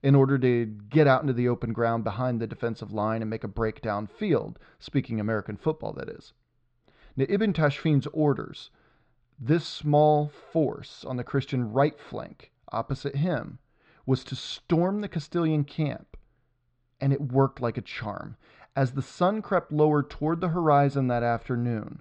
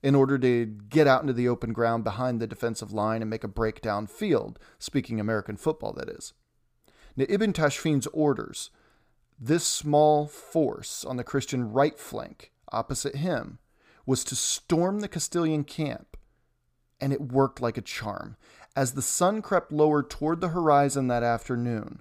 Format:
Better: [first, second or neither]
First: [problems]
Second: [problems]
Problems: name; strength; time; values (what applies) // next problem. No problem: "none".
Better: second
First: muffled; slightly; fading above 4 kHz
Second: none